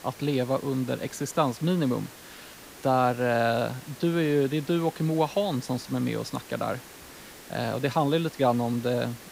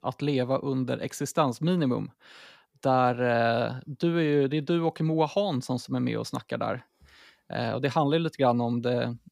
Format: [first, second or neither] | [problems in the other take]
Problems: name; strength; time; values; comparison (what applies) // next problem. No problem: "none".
second | hiss; noticeable; throughout; 20 dB below the speech